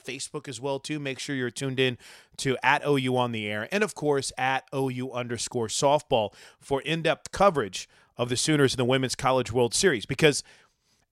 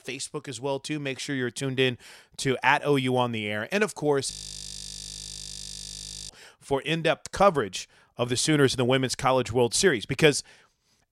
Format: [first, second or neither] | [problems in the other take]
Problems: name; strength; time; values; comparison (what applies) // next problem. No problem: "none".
first | audio freezing; at 4.5 s for 2 s